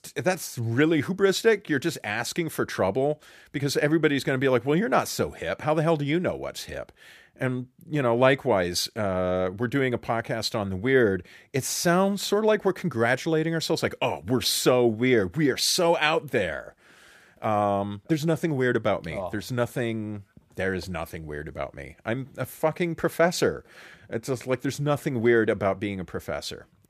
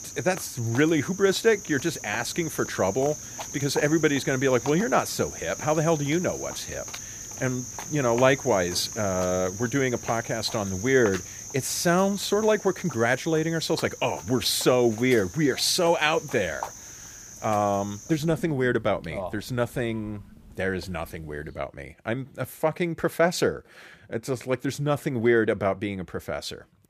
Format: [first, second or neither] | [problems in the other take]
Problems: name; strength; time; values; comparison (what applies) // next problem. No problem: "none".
first | animal sounds; noticeable; until 21 s; 10 dB below the speech